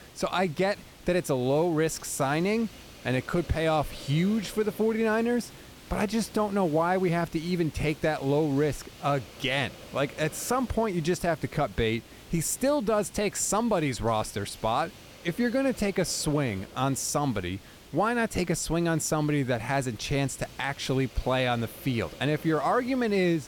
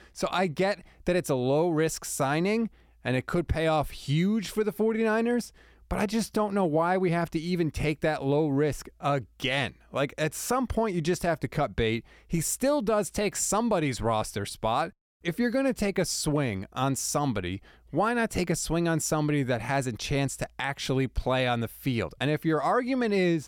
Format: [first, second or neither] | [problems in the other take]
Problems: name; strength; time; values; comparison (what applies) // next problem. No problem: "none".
second | hiss; noticeable; throughout; 20 dB below the speech